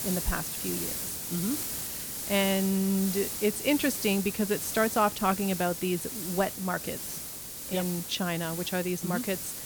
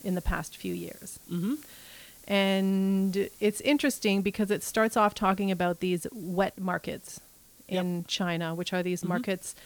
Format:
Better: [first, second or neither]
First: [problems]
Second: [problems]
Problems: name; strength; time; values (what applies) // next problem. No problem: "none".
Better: second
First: hiss; loud; throughout; 4 dB below the speech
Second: hiss; faint; throughout; 20 dB below the speech